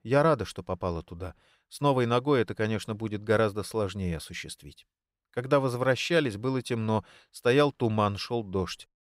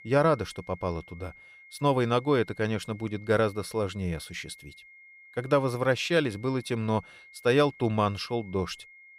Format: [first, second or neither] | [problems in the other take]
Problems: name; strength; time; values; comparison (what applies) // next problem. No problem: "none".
first | high-pitched whine; faint; throughout; 2 kHz, 20 dB below the speech